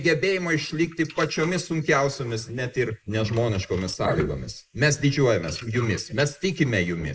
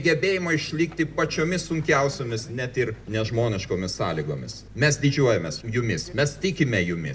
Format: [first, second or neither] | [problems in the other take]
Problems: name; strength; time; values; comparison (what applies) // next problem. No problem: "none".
second | noise reduction (neural mask model Resemble Enhance denoiser)